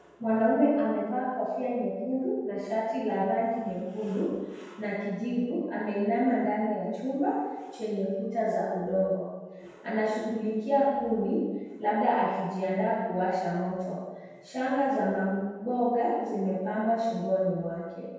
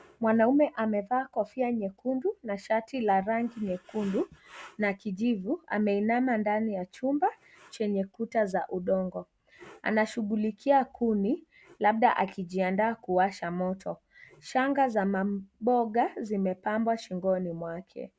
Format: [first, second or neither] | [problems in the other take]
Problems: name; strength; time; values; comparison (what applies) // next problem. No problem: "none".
second | room echo; dies away in 1.2 s